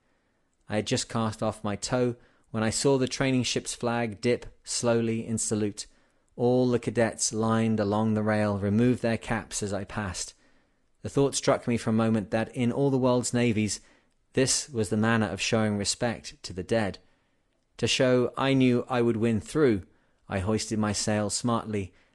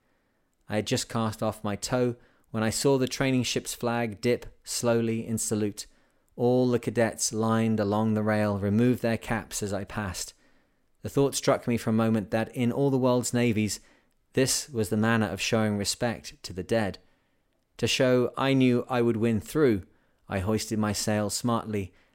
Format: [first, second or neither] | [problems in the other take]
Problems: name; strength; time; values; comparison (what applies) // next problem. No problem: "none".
second | garbled, watery; slightly